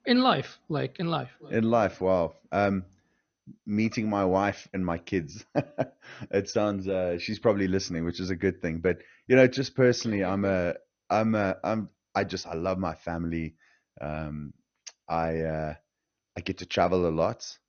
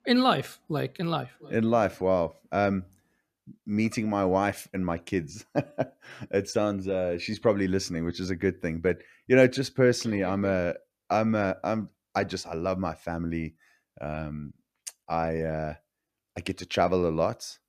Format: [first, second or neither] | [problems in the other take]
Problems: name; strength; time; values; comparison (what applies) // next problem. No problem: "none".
second | garbled, watery; slightly; nothing above 6.5 kHz